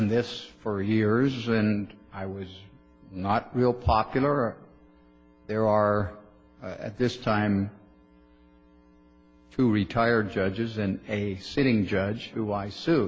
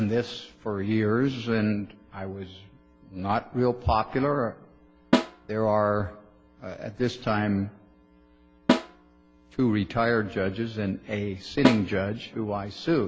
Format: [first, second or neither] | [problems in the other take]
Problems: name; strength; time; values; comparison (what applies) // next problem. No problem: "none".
first | background sound (Snare drum); 1 dB below the speech